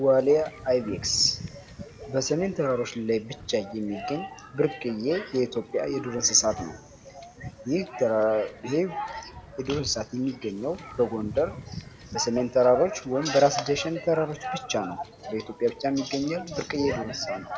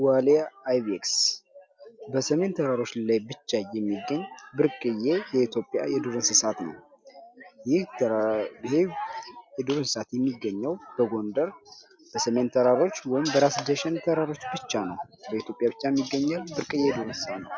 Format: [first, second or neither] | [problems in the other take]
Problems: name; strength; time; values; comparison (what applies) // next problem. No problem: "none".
second | background sound (Wind / Ocean / Boat, Water vehicle); 18 dB below the speech // room echo; dies away in 1.3 s